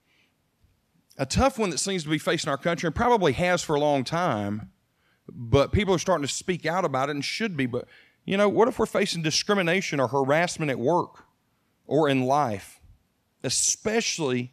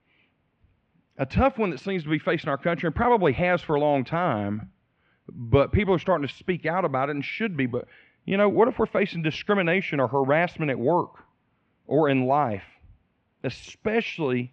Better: first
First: none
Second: muffled; very; fading above 2.5 kHz

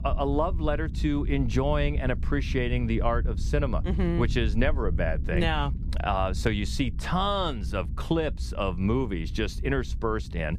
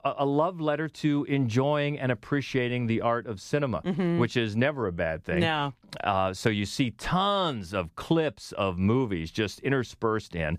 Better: second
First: low rumble; noticeable; throughout; 20 dB below the speech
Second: none

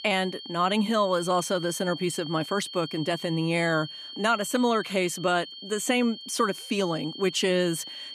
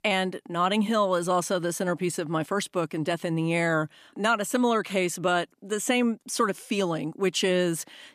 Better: second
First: high-pitched whine; noticeable; throughout; 3 kHz, 10 dB below the speech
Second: none

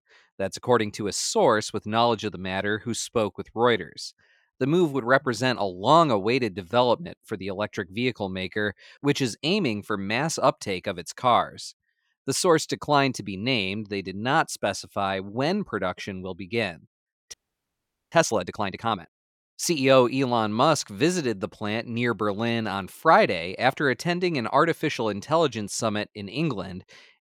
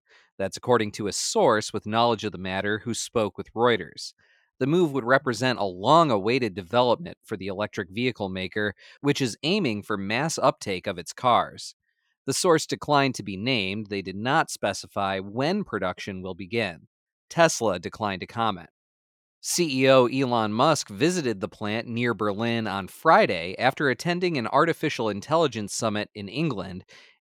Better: second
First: audio freezing; at 17 s for 1 s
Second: none

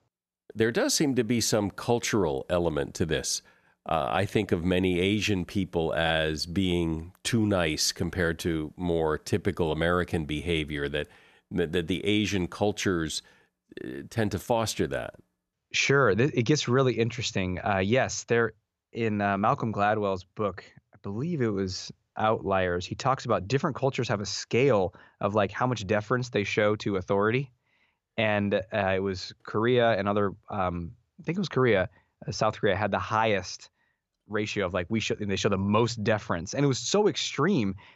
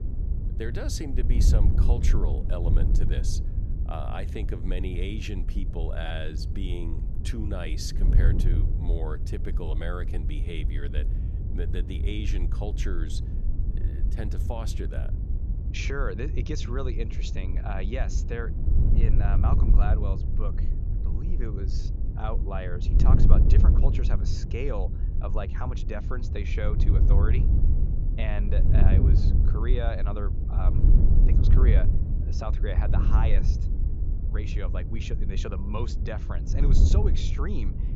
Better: first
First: none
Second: wind noise on the microphone; heavy; 4 dB below the speech

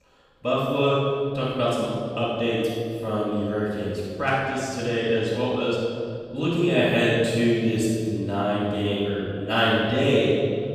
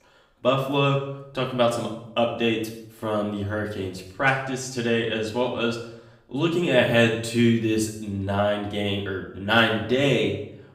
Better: second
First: room echo; strong; dies away in 2.4 s // off-mic speech; far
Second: room echo; slight; dies away in 0.7 s // off-mic speech; far

